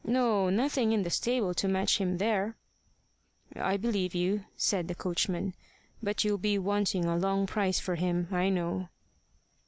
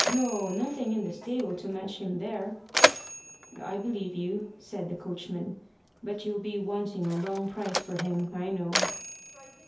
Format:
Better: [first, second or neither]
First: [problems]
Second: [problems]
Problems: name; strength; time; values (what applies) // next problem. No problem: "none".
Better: first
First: none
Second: background sound (Mechanisms); 1 dB below the speech // room echo; dies away in 0.5 s